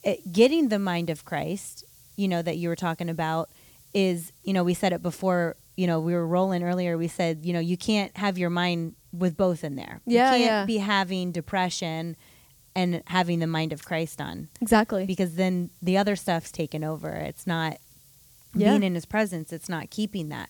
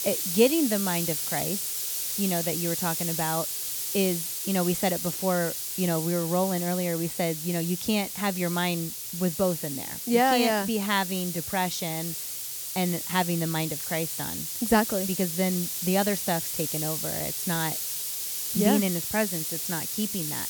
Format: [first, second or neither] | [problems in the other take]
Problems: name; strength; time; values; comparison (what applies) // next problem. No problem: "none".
first | hiss; loud; throughout; 2 dB below the speech; faint in the first